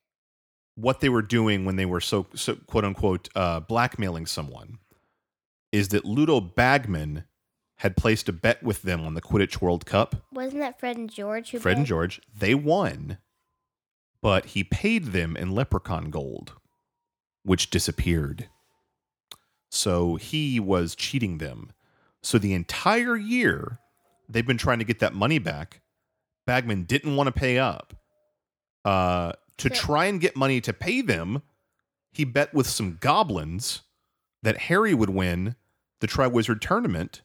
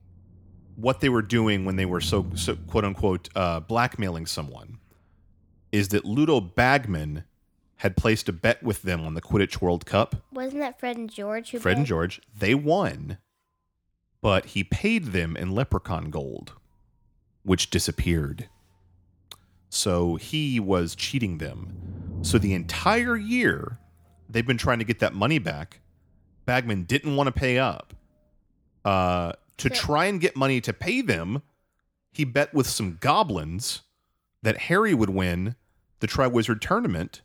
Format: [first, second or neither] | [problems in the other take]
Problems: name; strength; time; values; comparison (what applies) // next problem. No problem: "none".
first | low rumble; faint; throughout; 25 dB below the speech